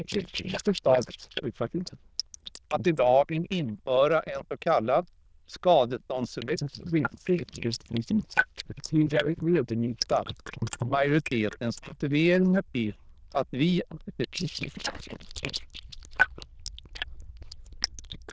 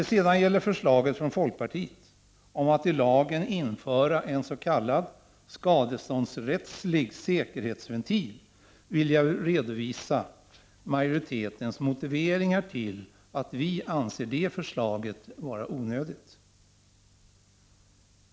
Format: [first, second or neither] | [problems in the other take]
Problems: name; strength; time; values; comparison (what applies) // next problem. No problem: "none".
second | noise reduction (neural diffusion model UNIVERSE++)